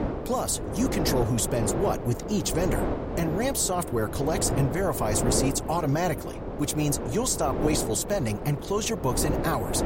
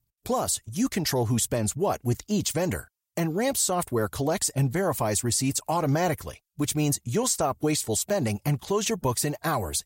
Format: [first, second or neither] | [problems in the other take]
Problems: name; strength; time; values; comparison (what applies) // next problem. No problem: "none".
second | wind noise on the microphone; heavy; 5 dB below the speech